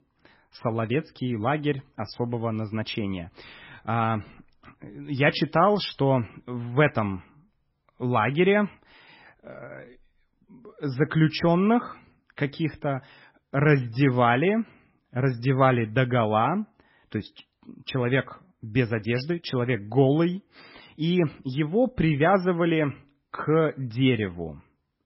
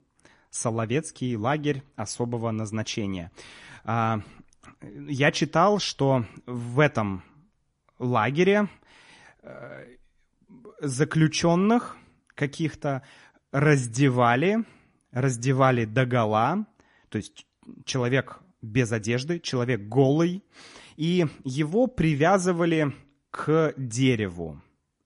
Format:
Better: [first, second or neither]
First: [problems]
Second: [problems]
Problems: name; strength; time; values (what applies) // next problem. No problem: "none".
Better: second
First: garbled, watery; badly; nothing above 5.5 kHz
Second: garbled, watery; slightly; nothing above 10.5 kHz